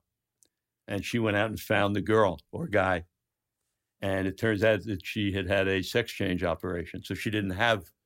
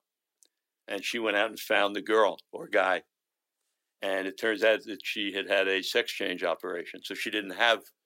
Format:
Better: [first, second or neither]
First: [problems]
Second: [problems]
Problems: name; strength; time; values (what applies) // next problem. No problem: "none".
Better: first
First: none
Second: thin; somewhat; fading below 350 Hz